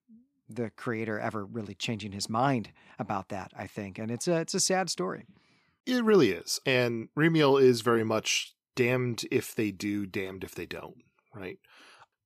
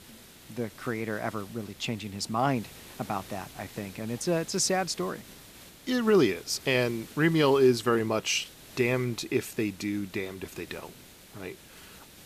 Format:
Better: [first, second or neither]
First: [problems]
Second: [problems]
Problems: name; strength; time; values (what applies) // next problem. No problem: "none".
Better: first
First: none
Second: hiss; noticeable; throughout; 20 dB below the speech